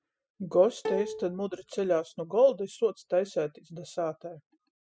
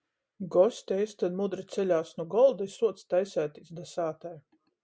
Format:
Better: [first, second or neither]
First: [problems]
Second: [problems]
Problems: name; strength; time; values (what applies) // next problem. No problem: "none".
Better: second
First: noise reduction (classical method spectral subtraction)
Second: none